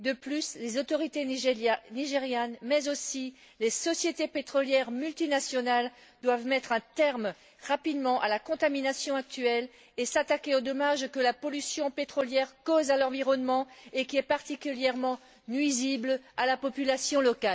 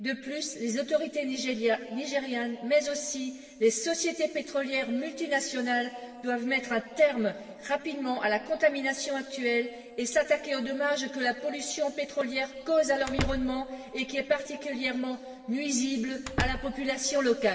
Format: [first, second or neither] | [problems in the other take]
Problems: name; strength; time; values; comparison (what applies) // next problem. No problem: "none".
first | background sound (Slam); 8 dB below the speech // room echo; dies away in 2 s